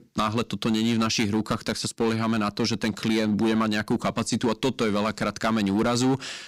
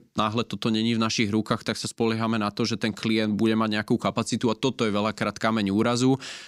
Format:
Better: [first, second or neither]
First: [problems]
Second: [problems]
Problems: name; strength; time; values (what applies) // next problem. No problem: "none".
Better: second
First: distortion; slight; 8% of the sound clipped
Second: none